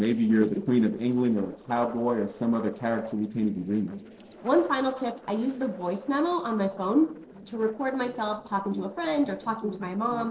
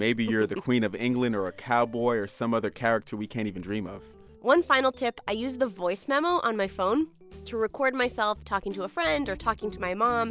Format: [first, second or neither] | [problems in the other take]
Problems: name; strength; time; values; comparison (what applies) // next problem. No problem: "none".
second | noise reduction (neural separator model SepFormer DNS4)